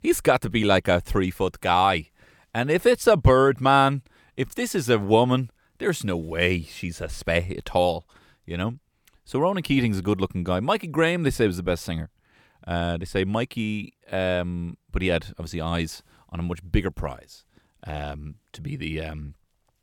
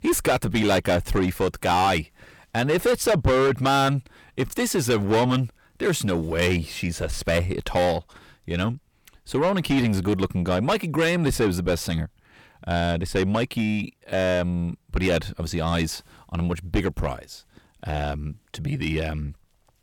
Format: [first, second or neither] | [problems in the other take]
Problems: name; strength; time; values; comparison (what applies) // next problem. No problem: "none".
first | distortion; heavy; 7 dB below the speech